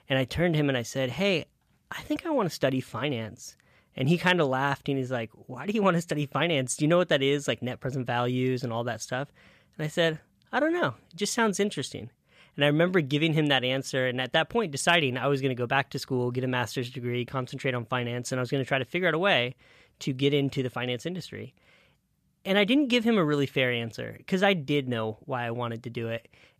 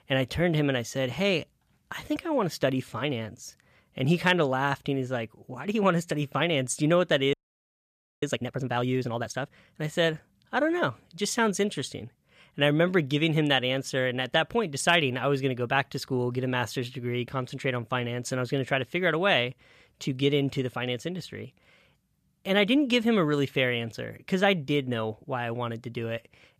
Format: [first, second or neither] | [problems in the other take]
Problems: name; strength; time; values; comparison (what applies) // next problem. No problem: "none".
first | audio freezing; at 7.5 s for 1 s